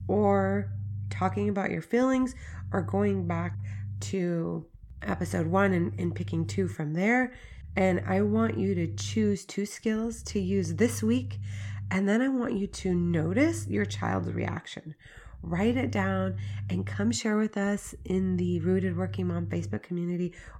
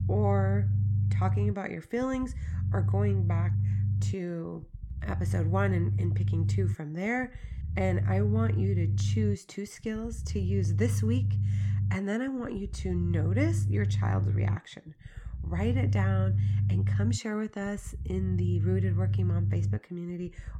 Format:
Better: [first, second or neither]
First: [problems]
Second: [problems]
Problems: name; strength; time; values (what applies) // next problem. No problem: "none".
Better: first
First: low rumble; faint; throughout; 20 dB below the speech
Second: low rumble; loud; throughout; 7 dB below the speech